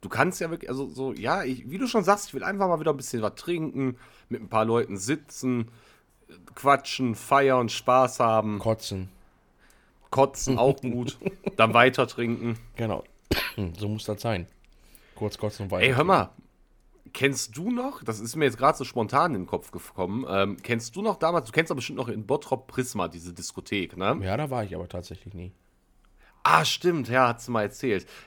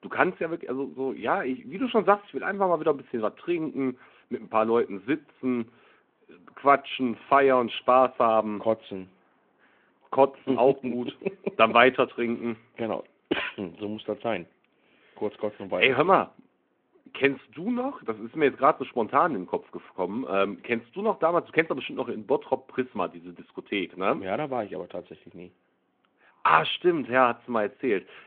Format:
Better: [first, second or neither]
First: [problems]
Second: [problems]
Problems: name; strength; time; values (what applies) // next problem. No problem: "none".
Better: first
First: none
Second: phone-call audio